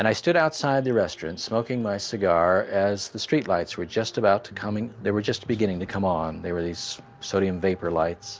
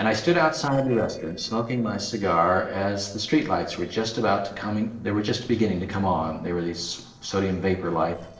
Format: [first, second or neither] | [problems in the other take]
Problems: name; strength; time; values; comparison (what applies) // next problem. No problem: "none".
first | noise reduction (neural separator model SepFormer DNS4)